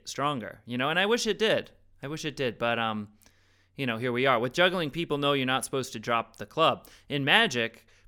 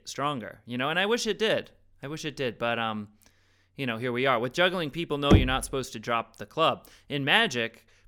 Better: first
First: none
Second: door banging; loud; at 5.5 s; peak 4 dB above the speech

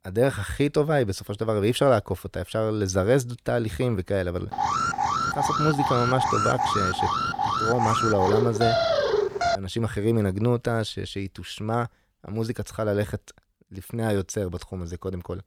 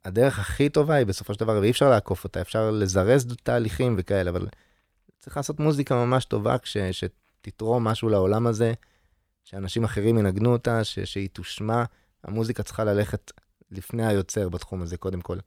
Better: second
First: alarm; loud; from 4.5 to 9.5 s; peak 4 dB above the speech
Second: none

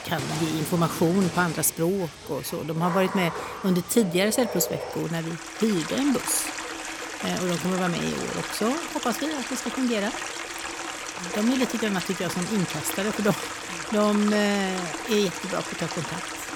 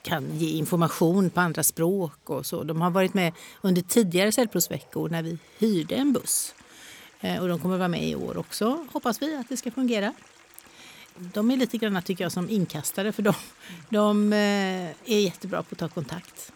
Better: second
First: rain or running water; loud; throughout; 6 dB below the speech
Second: rain or running water; faint; throughout; 25 dB below the speech

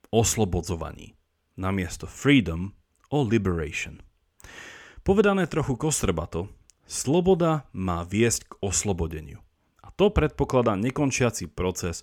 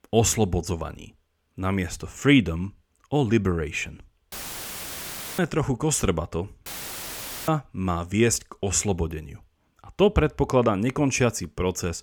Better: first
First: none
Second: audio cutting out; filled with static; at 4.5 s for 1 s and at 6.5 s for 1 s

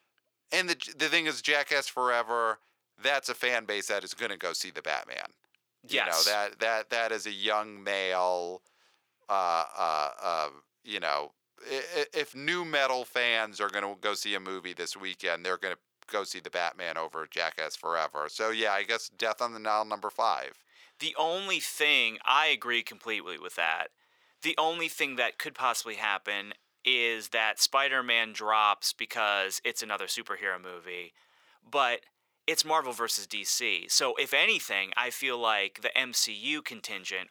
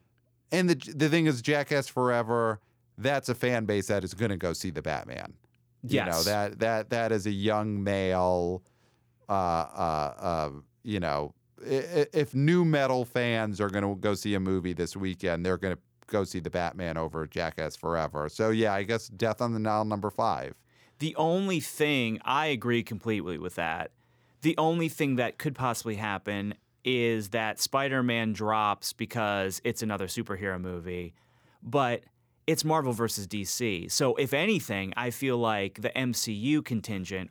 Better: second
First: thin; very; fading below 600 Hz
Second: none

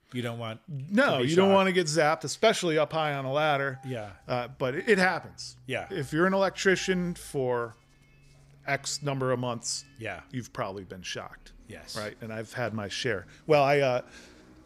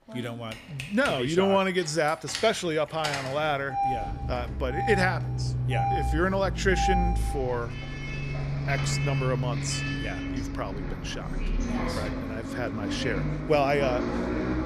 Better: first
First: traffic noise; faint; throughout; 30 dB below the speech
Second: traffic noise; loud; throughout; 2 dB below the speech

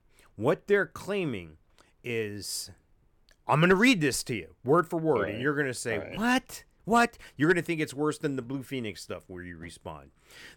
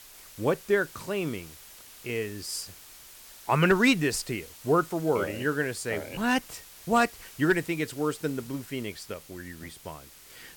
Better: first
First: none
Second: hiss; noticeable; throughout; 20 dB below the speech

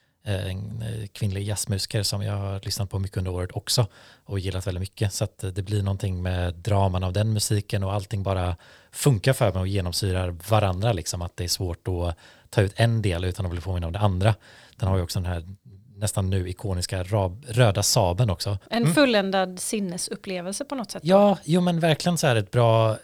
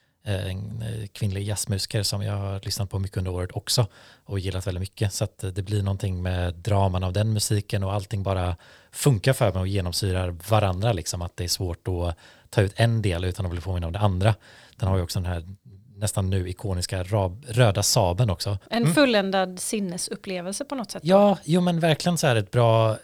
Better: neither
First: none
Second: none

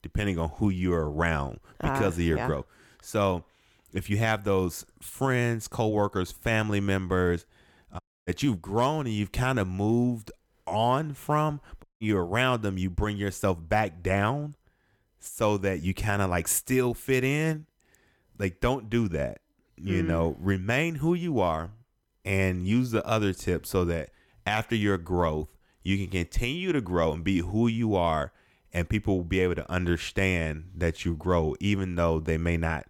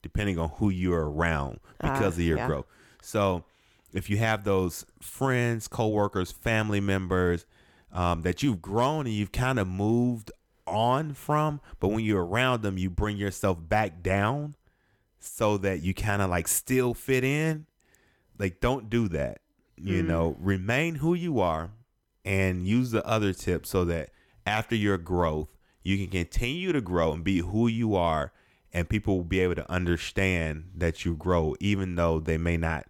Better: second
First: audio cutting out; at 8 s and at 12 s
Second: none

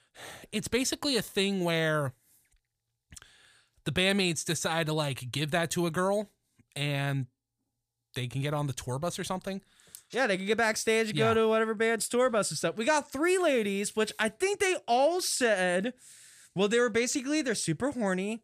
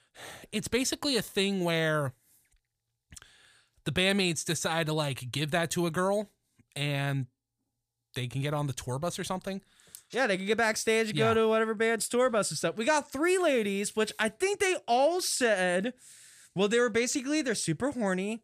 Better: neither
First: none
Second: none

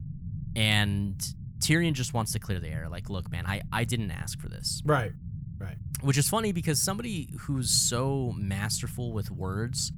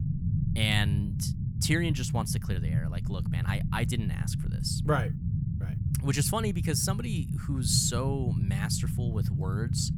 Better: first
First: low rumble; faint; throughout; 20 dB below the speech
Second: low rumble; loud; throughout; 9 dB below the speech

